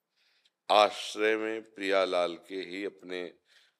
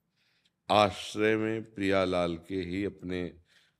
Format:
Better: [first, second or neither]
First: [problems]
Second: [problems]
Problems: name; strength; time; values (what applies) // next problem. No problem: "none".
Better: second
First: thin; somewhat; fading below 500 Hz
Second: none